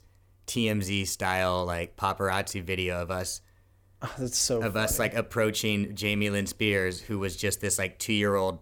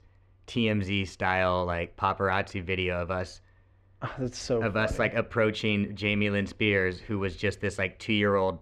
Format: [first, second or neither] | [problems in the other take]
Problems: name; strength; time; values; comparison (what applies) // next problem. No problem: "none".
first | muffled; slightly; fading above 2.5 kHz